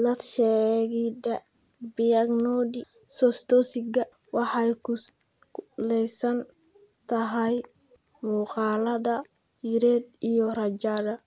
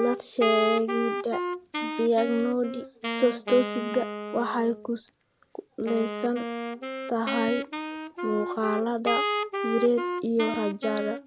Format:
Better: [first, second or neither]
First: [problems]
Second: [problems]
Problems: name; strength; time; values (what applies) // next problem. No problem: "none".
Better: first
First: none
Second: background sound (Wind instrument, woodwind instrument); 4 dB below the speech